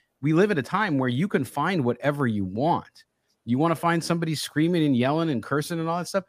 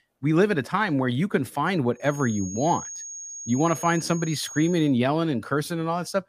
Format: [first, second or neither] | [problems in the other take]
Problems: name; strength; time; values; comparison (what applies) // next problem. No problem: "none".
first | high-pitched whine; noticeable; from 2 to 5 s; 6.5 kHz, 10 dB below the speech